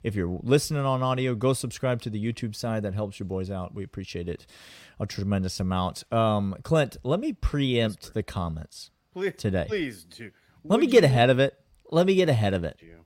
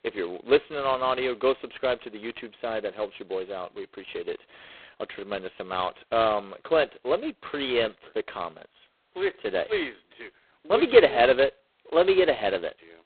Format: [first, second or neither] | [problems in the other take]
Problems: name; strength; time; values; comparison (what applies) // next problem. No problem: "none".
first | phone-call audio; poor line; nothing above 4 kHz